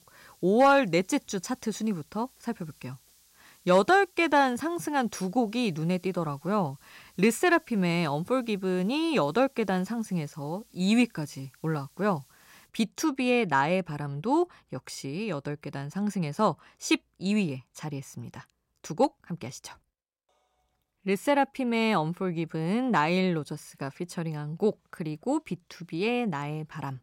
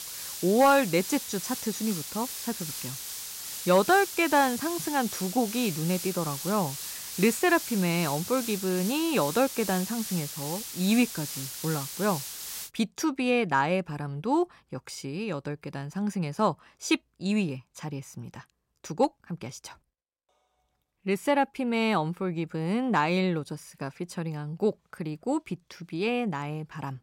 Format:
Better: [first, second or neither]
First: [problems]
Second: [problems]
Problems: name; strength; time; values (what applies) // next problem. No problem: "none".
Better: first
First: hiss; faint; until 13 s; 30 dB below the speech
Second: hiss; loud; until 13 s; 7 dB below the speech